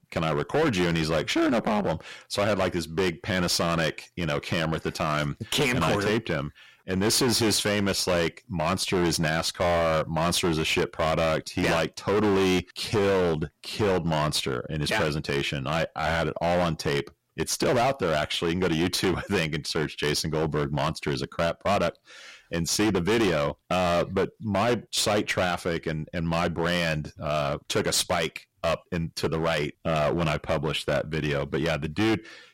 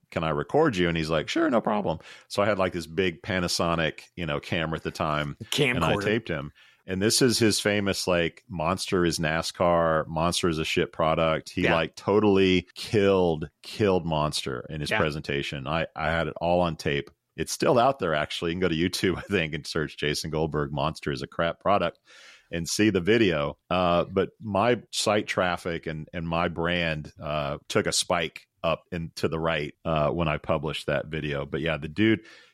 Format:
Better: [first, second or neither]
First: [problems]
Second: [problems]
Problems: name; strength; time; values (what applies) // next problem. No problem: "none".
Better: second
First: distortion; heavy; 15% of the sound clipped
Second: none